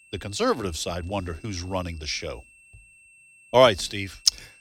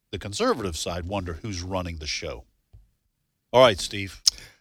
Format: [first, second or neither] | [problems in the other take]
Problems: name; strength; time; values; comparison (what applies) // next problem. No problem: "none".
second | high-pitched whine; faint; throughout; 2.5 kHz, 25 dB below the speech